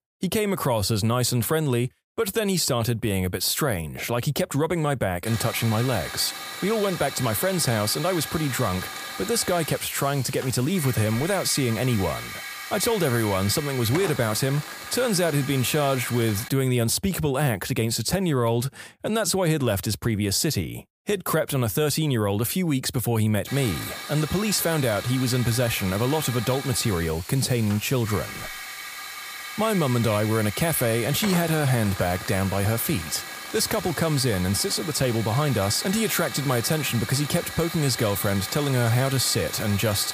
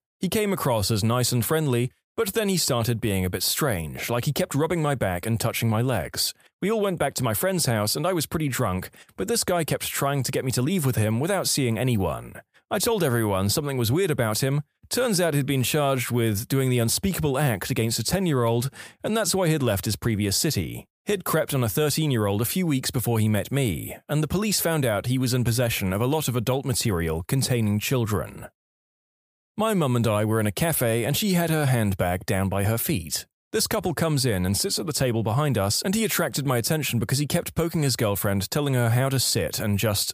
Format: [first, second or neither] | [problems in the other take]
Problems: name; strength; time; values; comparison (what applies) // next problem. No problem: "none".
second | hiss; loud; from 5.5 to 16 s and from 23 s on; 10 dB below the speech